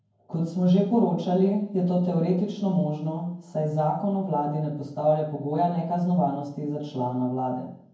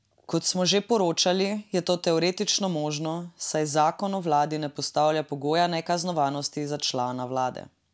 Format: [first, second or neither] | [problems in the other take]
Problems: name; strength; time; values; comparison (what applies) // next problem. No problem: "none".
second | room echo; dies away in 0.9 s